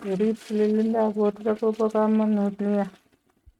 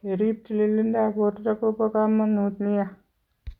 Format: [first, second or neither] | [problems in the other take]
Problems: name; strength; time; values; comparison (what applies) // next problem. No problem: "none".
second | noise reduction (neural mask model RNNoise)